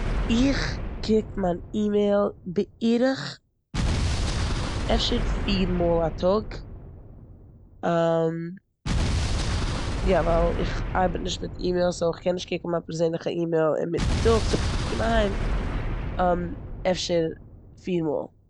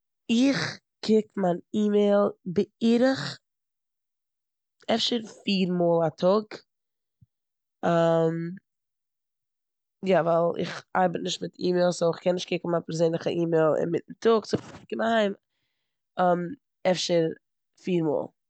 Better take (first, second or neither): second